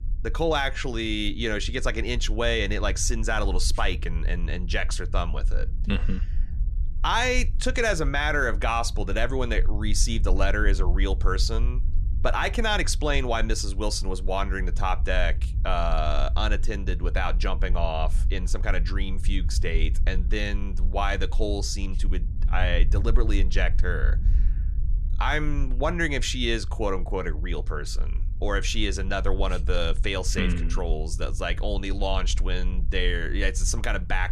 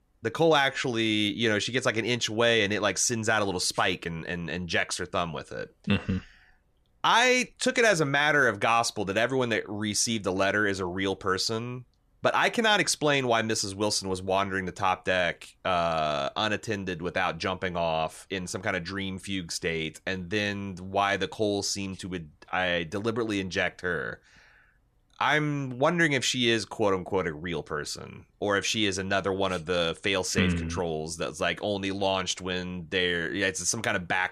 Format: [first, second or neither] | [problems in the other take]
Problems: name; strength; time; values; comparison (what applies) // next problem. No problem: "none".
second | low rumble; faint; throughout; 20 dB below the speech